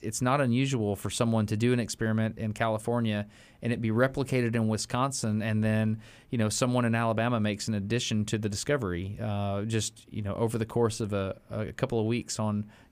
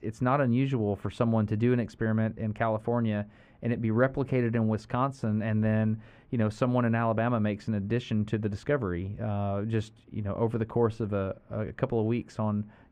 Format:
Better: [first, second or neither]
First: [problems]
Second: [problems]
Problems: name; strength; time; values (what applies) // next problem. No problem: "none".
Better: first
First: none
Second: muffled; very; fading above 3.5 kHz